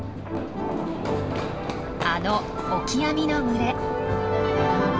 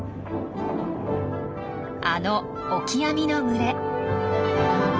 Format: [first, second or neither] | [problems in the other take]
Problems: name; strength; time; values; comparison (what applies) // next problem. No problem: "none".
second | background sound (Run); 9 dB below the speech